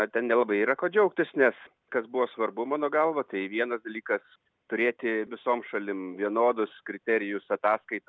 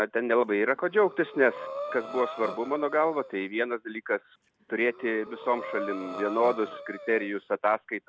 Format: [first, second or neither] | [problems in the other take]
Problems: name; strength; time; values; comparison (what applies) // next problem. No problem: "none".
first | background sound (Breathing); 12 dB below the speech